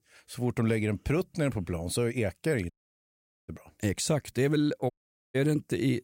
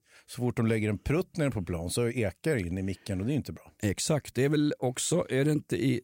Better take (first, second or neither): second